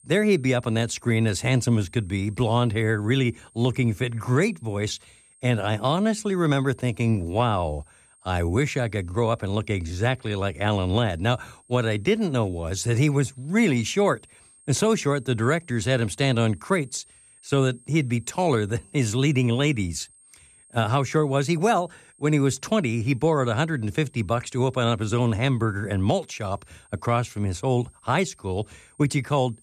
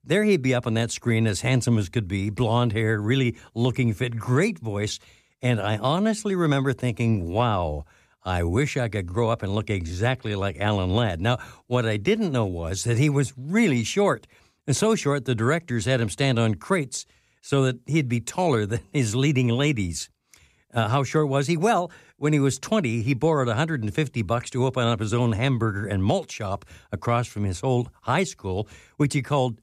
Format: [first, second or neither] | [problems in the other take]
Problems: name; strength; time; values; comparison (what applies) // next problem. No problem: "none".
second | high-pitched whine; faint; throughout; 8.5 kHz, 30 dB below the speech